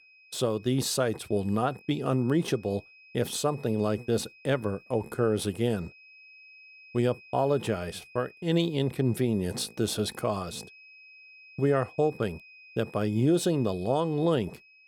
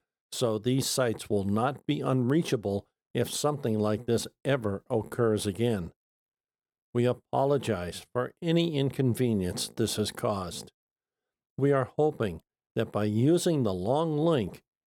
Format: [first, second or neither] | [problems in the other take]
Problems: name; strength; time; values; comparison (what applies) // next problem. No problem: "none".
second | high-pitched whine; faint; throughout; 2.5 kHz, 25 dB below the speech